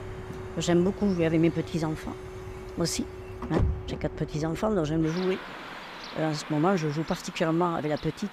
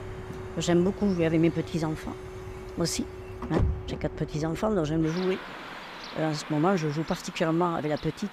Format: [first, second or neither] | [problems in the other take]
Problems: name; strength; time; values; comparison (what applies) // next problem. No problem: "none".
neither | traffic noise; loud; throughout; 10 dB below the speech; the same in both